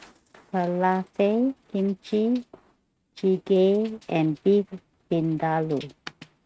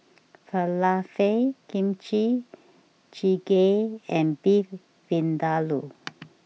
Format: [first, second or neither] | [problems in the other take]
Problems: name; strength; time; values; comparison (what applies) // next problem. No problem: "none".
second | noise reduction (neural mask model RNNoise)